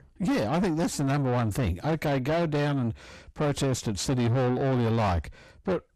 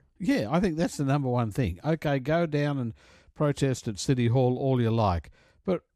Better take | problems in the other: second | distortion; heavy; 6 dB below the speech

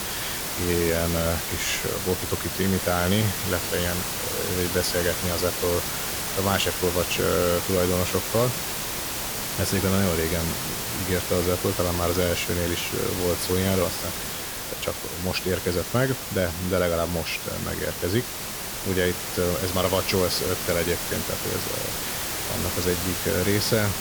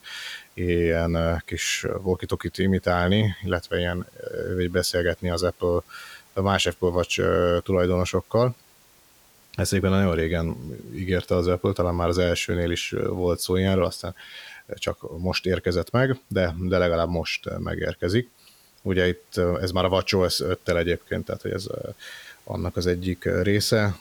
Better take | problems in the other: second | hiss; loud; throughout; 1 dB below the speech; faint in the second

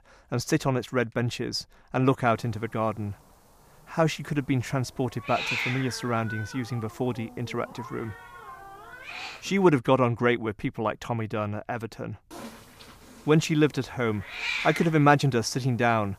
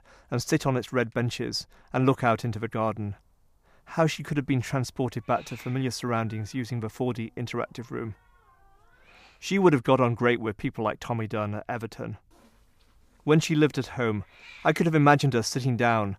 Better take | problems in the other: second | hiss; loud; from 2.5 to 9.5 s and from 12 s on; 9 dB below the speech; faint in the second

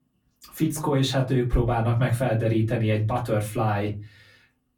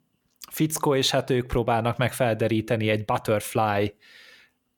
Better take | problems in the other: second | off-mic speech; far // room echo; very slight; dies away in 0.4 s

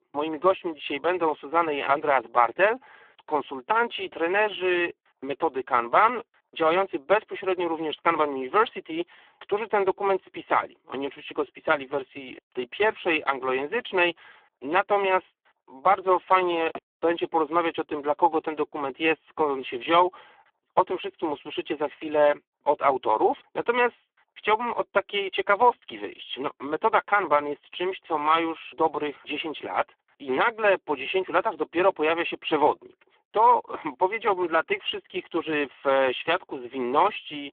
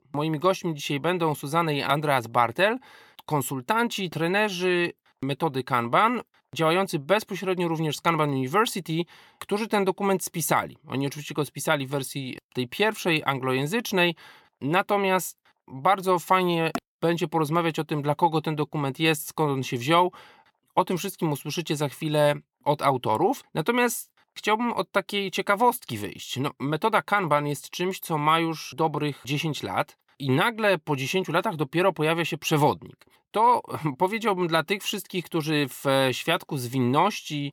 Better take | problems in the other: second | phone-call audio; poor line

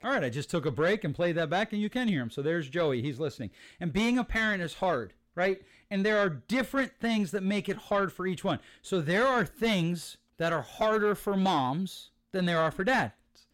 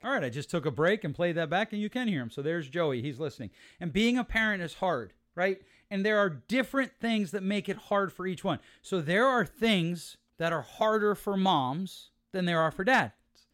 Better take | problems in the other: second | distortion; slight; 10 dB below the speech

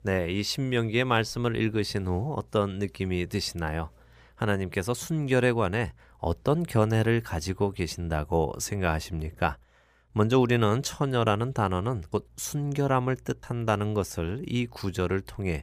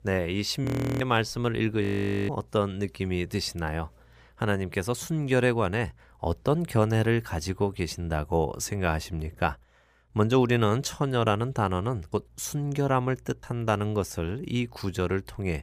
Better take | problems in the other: first | audio freezing; at 0.5 s and at 2 s

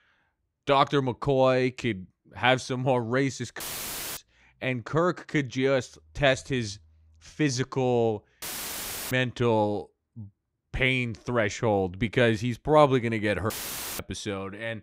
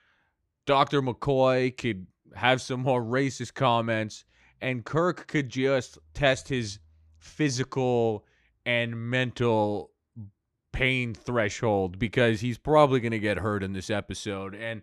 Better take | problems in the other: second | audio cutting out; filled with static; at 3.5 s for 0.5 s, at 8.5 s for 0.5 s and at 14 s

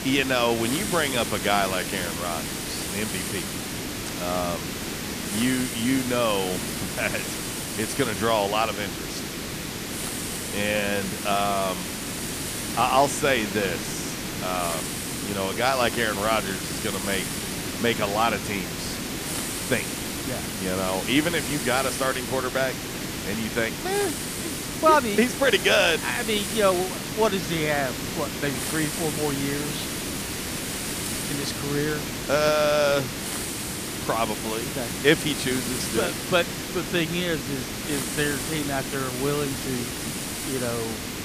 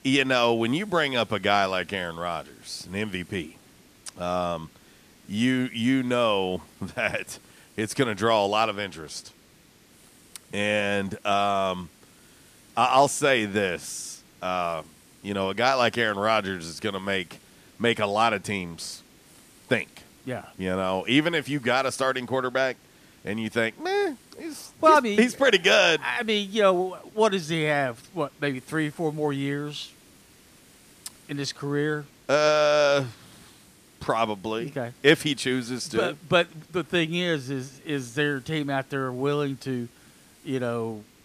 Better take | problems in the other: second | hiss; loud; throughout; 4 dB below the speech; faint in the second

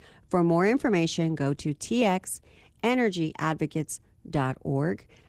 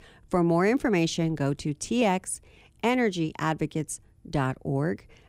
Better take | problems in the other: second | garbled, watery; slightly; nothing above 15.5 kHz

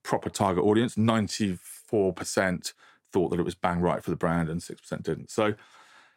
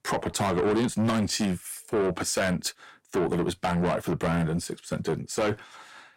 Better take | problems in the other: first | distortion; heavy; 6 dB below the speech

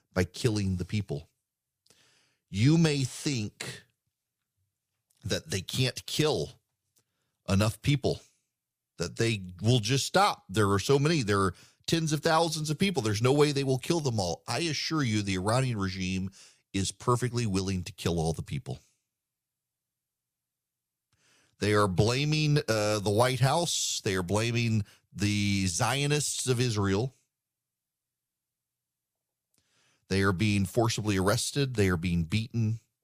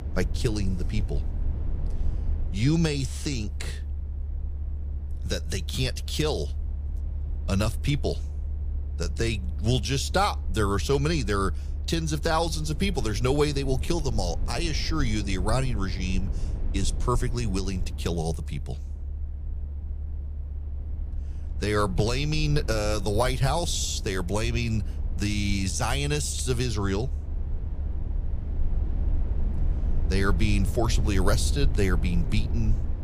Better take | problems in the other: first | low rumble; noticeable; throughout; 20 dB below the speech

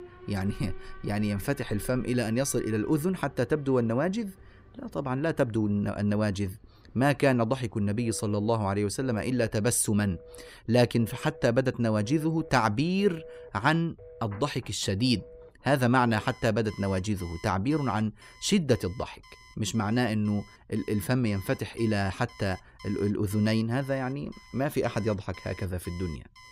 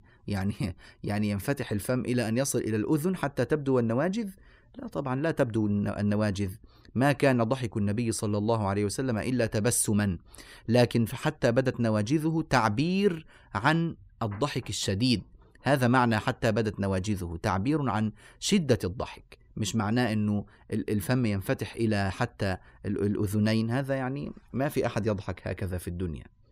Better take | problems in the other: second | alarms or sirens; faint; throughout; 20 dB below the speech

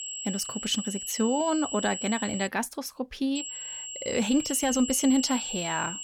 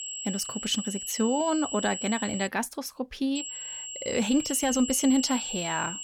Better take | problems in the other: neither | high-pitched whine; loud; until 2.5 s and from 3.5 s on; 7.5 kHz, 6 dB below the speech; the same in both

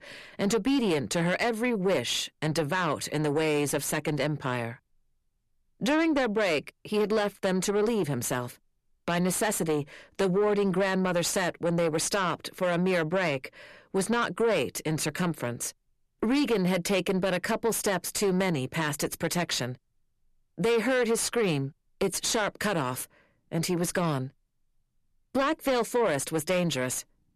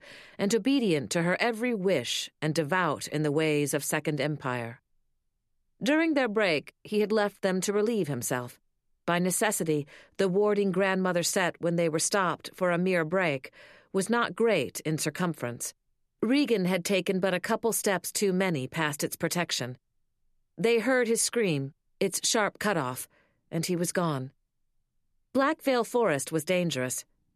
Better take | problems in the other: second | distortion; slight; 10 dB below the speech

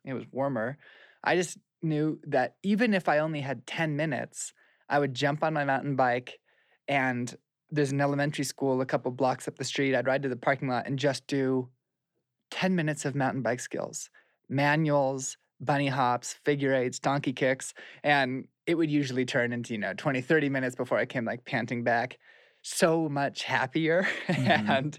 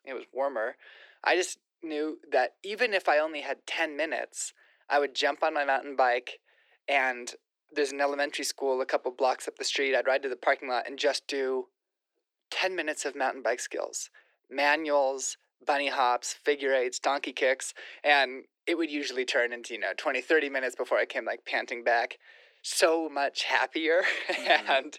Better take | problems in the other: first | thin; very; fading below 350 Hz

